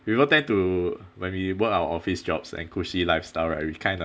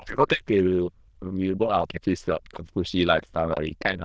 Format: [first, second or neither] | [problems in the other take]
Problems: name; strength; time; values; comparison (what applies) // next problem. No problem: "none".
first | noise reduction (neural diffusion model UNIVERSE++)